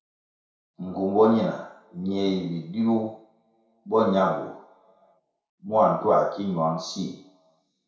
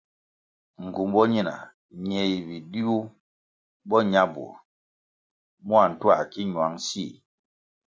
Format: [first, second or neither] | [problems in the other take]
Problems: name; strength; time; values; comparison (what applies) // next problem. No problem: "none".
second | room echo; dies away in 0.6 s